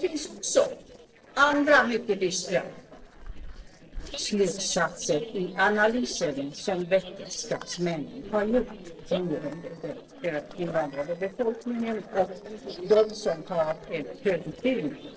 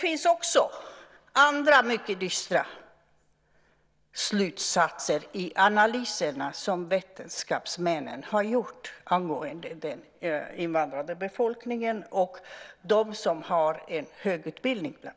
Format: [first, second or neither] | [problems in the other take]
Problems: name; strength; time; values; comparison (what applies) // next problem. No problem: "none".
second | noise reduction (neural separator model SepFormer DNS4)